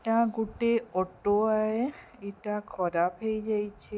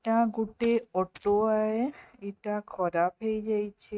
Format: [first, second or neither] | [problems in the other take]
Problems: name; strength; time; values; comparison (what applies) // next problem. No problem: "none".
first | noise reduction (neural mask model RNNoise)